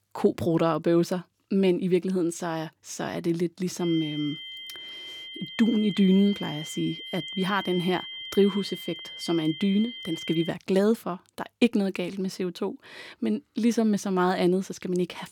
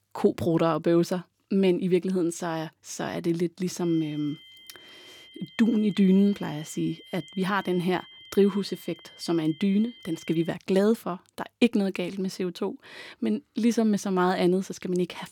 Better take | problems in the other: second | high-pitched whine; loud; from 4 to 10 s; 3 kHz, 10 dB below the speech; faint in the second

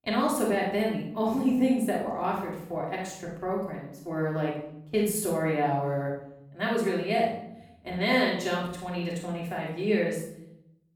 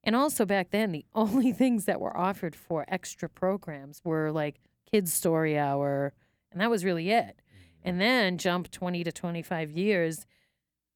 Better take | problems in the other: second | off-mic speech; far // room echo; noticeable; dies away in 0.6 s

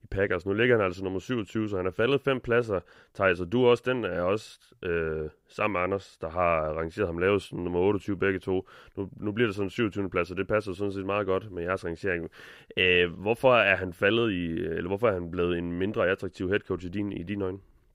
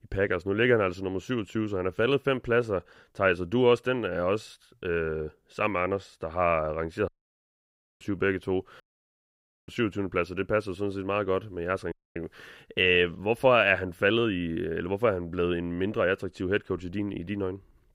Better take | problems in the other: first | audio cutting out; at 7 s for 1 s, at 9 s for 1 s and at 12 s

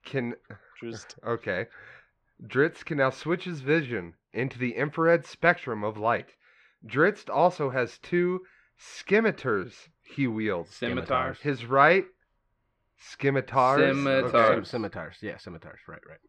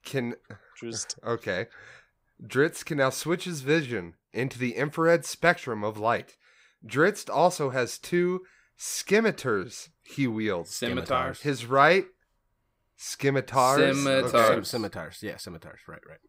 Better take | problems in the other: second | muffled; slightly; fading above 2.5 kHz

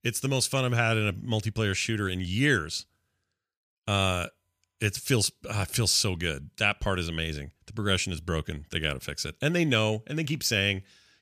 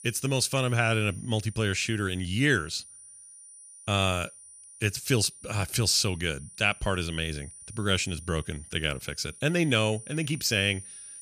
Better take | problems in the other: first | high-pitched whine; noticeable; throughout; 9.5 kHz, 20 dB below the speech

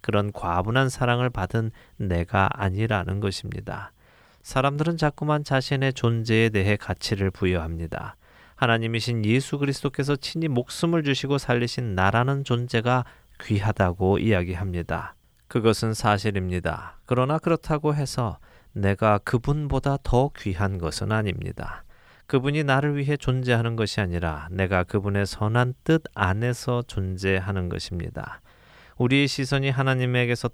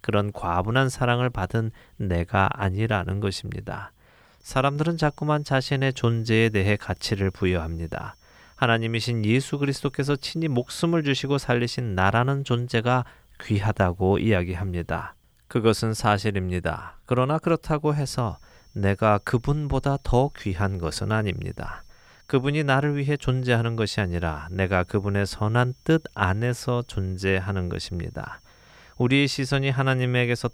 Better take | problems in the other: first | high-pitched whine; faint; from 4.5 to 12 s and from 18 s on; 5.5 kHz, 35 dB below the speech

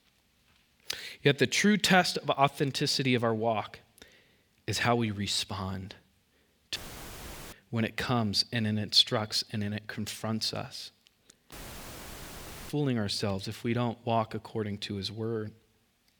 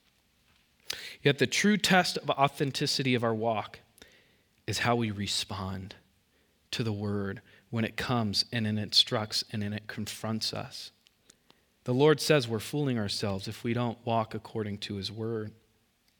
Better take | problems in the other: second | audio cutting out; filled with static; at 7 s for 1 s and at 12 s for 1 s

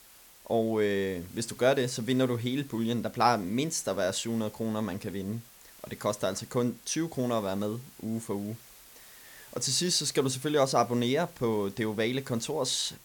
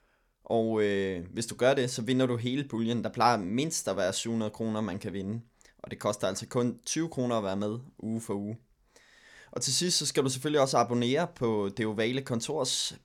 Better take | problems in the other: second | hiss; faint; throughout; 20 dB below the speech

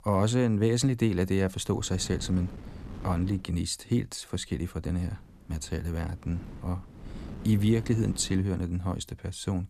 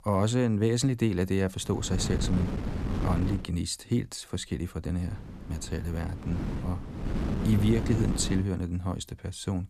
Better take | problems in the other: first | wind noise on the microphone; heavy; from 1.5 to 3.5 s and from 5 to 8.5 s; 6 dB below the speech; occasional gusts in the first

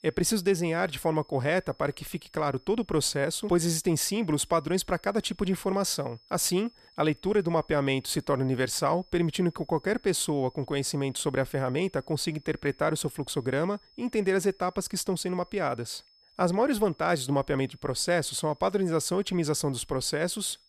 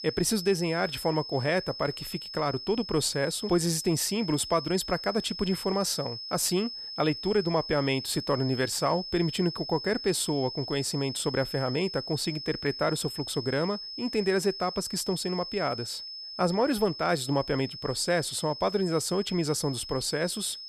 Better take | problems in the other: first | high-pitched whine; loud; throughout; 5 kHz, 8 dB below the speech; faint in the first

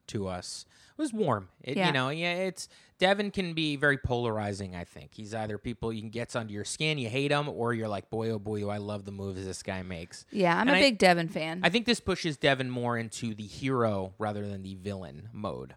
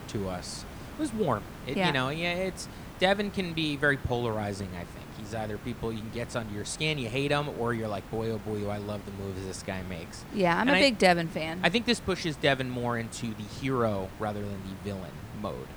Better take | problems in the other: first | hiss; noticeable; throughout; 15 dB below the speech

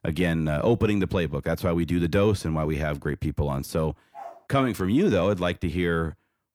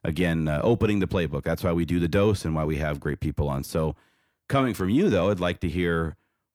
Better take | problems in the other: second | dog barking; faint; at 4 s; peak 15 dB below the speech

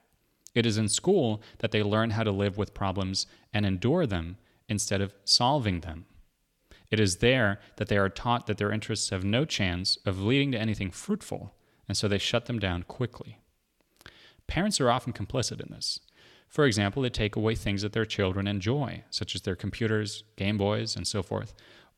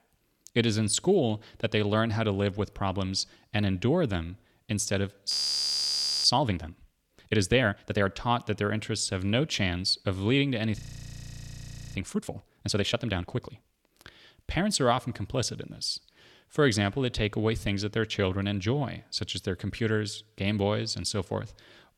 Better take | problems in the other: first | audio freezing; at 5.5 s for 1 s and at 11 s for 1 s

